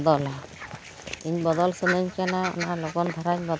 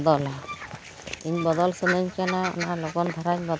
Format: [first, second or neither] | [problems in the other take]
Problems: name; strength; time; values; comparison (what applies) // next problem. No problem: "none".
first | background sound (Bowed string instrument); 17 dB below the speech